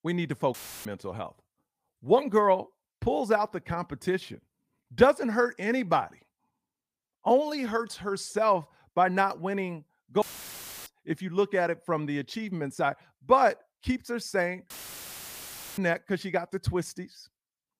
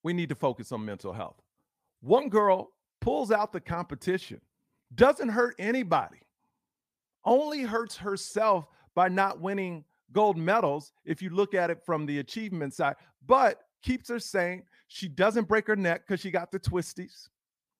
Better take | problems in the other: second | audio cutting out; filled with static; at 0.5 s, at 10 s for 0.5 s and at 15 s for 1 s

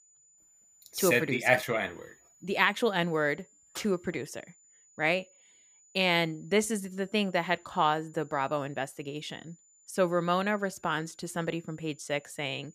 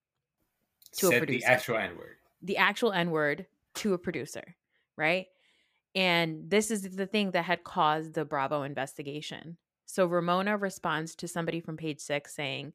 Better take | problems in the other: second | high-pitched whine; faint; throughout; 7 kHz, 30 dB below the speech

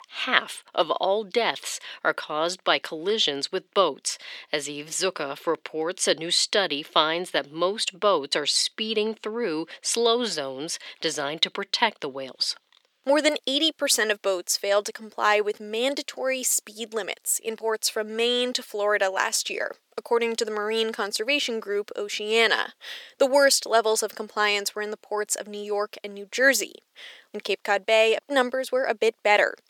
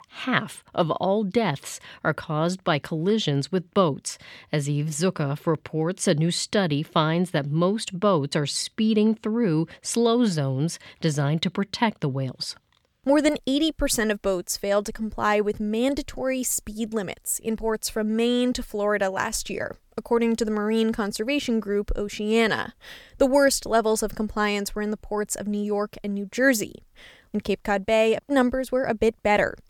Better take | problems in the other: second | thin; somewhat; fading below 350 Hz

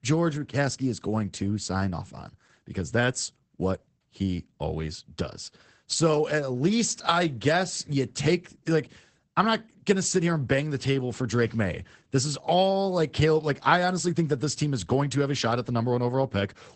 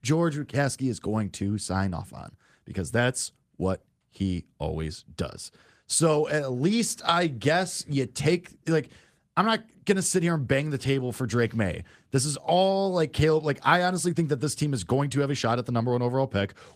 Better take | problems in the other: second | garbled, watery; badly; nothing above 8 kHz; slightly in the second

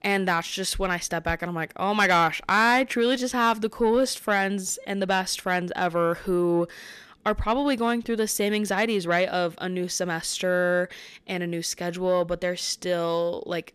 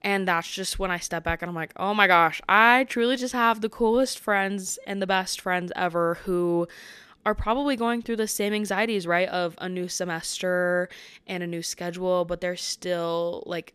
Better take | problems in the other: second | distortion; slight; 10 dB below the speech

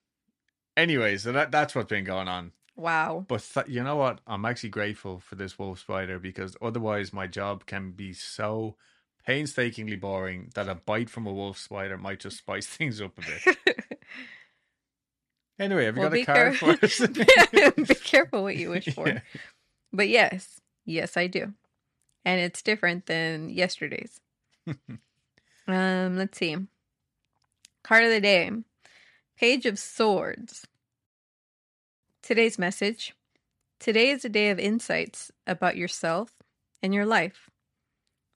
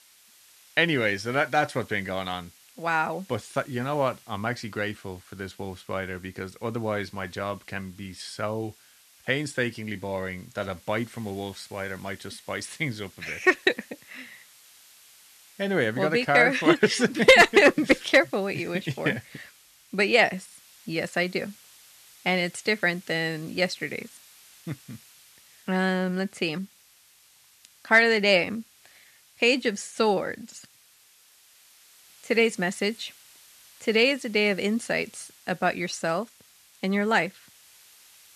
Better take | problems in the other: first | hiss; faint; throughout; 25 dB below the speech

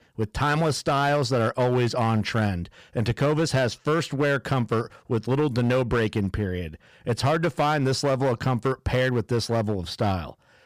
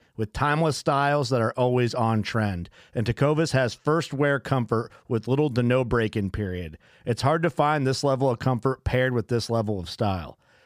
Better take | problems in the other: second | distortion; slight; 10% of the sound clipped

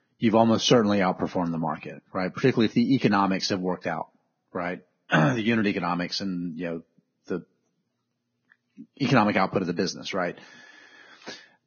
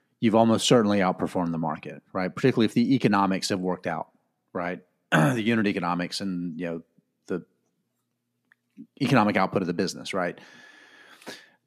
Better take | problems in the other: second | garbled, watery; badly; nothing above 6.5 kHz

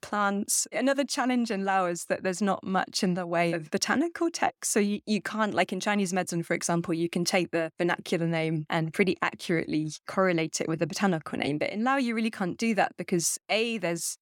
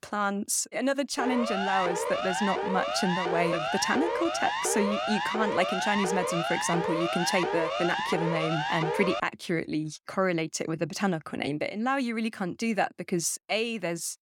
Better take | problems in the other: first | siren; noticeable; from 1 to 9 s; peak level with the speech

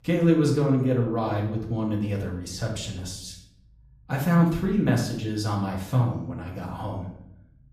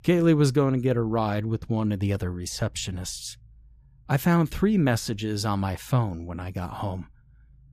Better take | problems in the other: second | off-mic speech; far // room echo; noticeable; dies away in 0.6 s

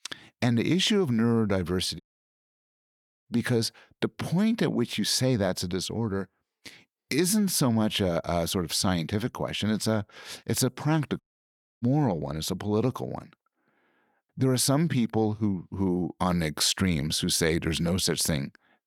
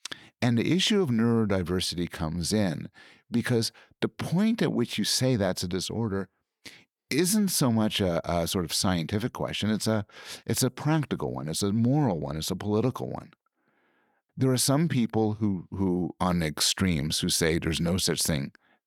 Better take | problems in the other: second | audio cutting out; at 2 s for 1 s and at 11 s for 0.5 s

